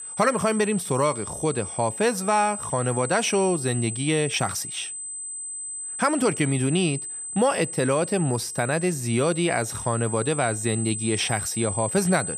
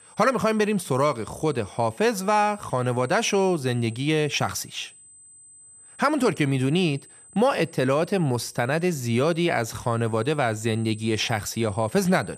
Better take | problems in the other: second | high-pitched whine; loud; throughout; 8 kHz, 6 dB below the speech; faint in the second

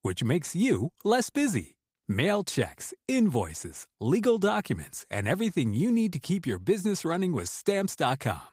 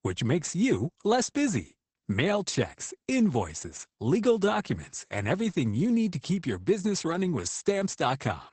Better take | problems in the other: first | garbled, watery; badly; nothing above 8 kHz; slightly in the first

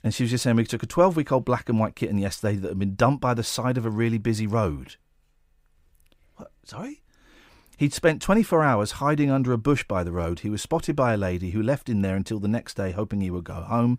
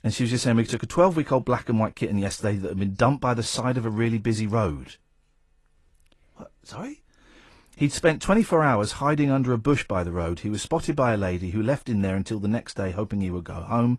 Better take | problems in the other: first | garbled, watery; slightly

